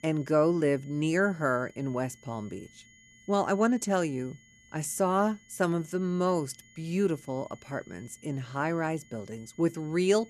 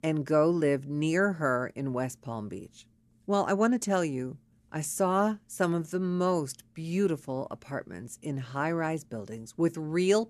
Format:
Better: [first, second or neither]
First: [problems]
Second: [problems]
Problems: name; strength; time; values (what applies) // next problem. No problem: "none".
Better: second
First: high-pitched whine; faint; throughout; 2 kHz, 25 dB below the speech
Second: none